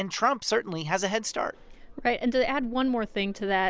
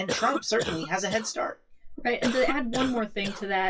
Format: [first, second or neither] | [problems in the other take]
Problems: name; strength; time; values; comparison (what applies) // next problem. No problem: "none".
first | noise reduction (classical method WPE with log-MMSE)